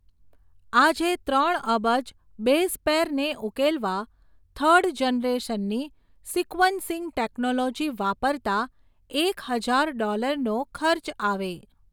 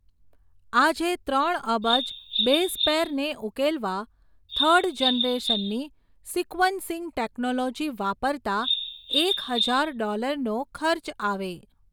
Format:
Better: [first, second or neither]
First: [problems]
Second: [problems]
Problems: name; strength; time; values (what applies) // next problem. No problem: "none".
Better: first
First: none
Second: background sound (Bird vocalization, bird call, bird song); 2 dB below the speech